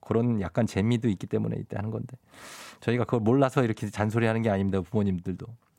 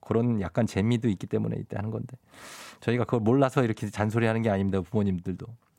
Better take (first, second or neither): neither